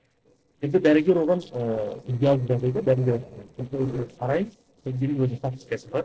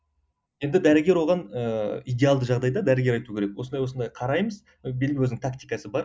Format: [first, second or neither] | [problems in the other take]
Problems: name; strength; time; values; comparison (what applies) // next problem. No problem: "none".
second | noise reduction (neural separator model SepFormer DNS4)